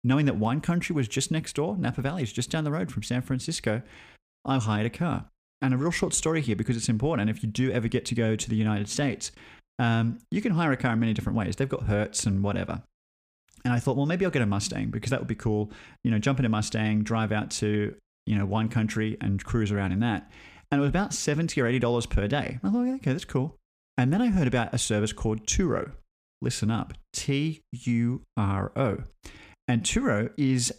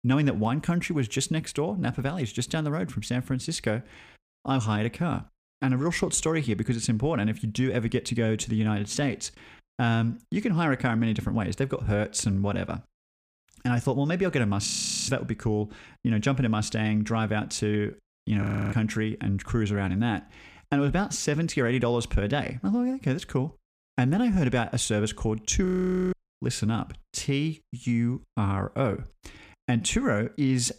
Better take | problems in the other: first | audio freezing; at 15 s, at 18 s and at 26 s

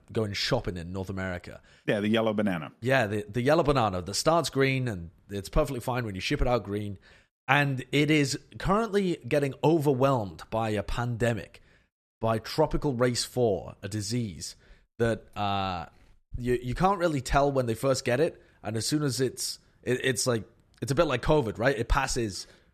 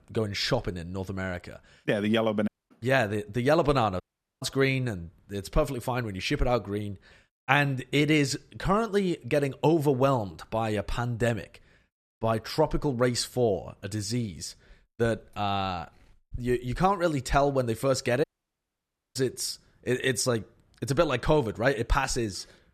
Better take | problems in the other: first | audio cutting out; at 2.5 s, at 4 s and at 18 s for 1 s

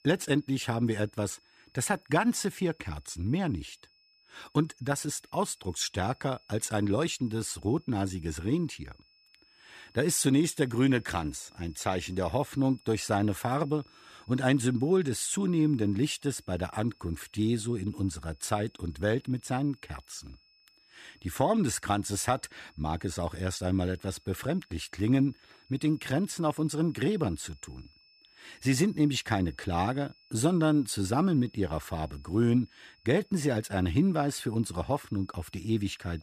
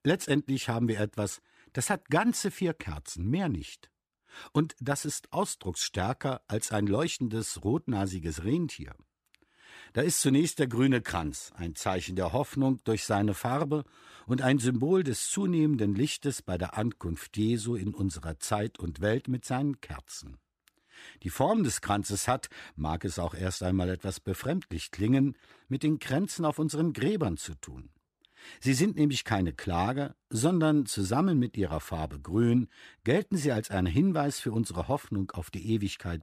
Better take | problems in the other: second | high-pitched whine; faint; throughout; 5 kHz, 30 dB below the speech

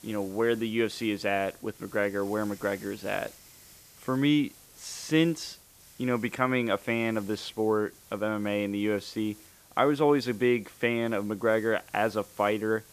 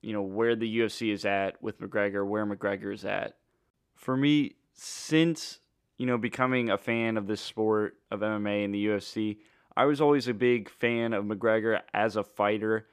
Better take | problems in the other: second | hiss; faint; throughout; 20 dB below the speech

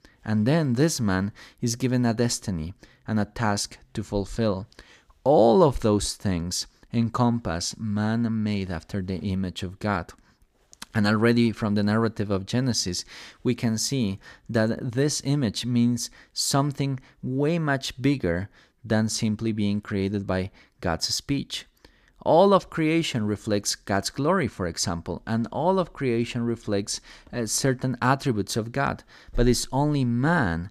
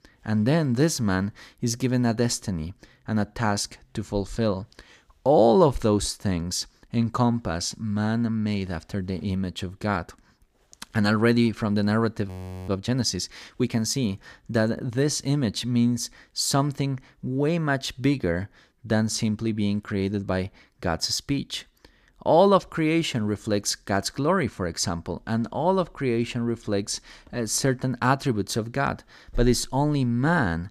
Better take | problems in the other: first | audio freezing; at 12 s

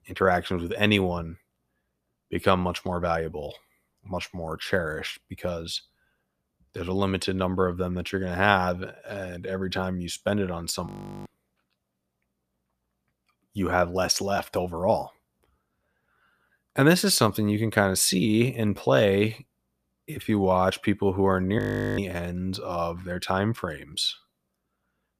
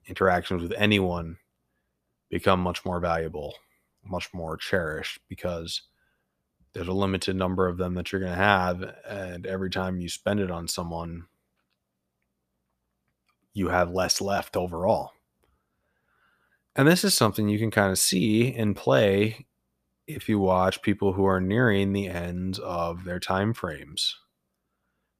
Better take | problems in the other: second | audio freezing; at 11 s and at 22 s

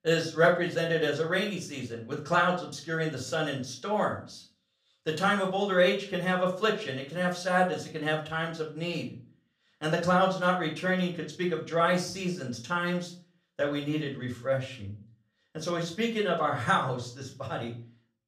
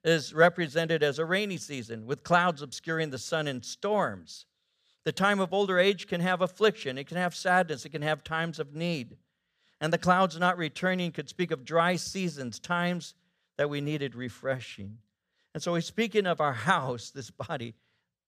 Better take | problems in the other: second | off-mic speech; far // room echo; slight; dies away in 0.3 s

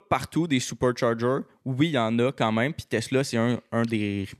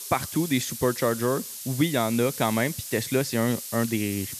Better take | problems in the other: first | hiss; loud; throughout; 8 dB below the speech

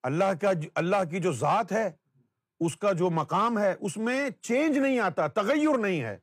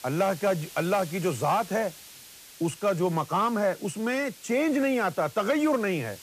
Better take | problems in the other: first | hiss; noticeable; throughout; 20 dB below the speech

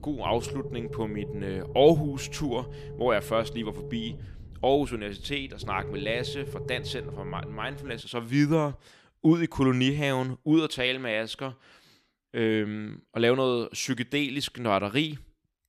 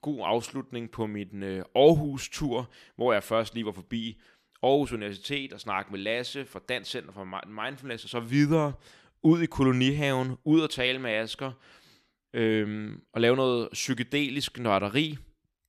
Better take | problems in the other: second | low rumble; noticeable; until 8 s; 15 dB below the speech

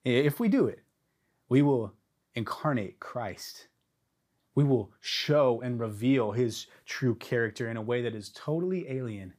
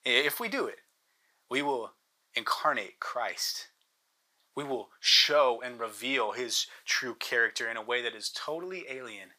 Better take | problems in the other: first | thin; very; fading below 850 Hz

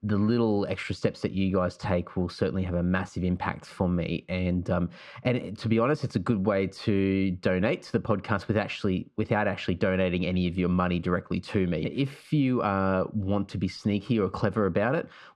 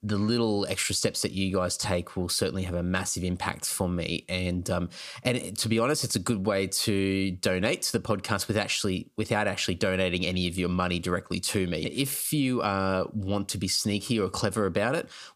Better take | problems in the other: second | muffled; very; fading above 2 kHz

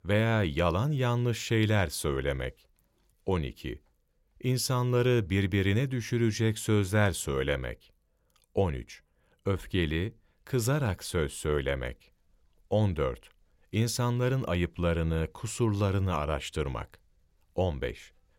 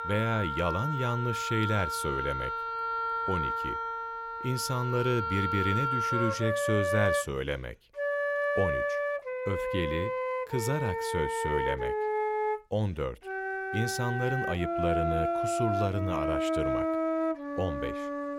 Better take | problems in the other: first | background music; very loud; throughout; 1 dB above the speech

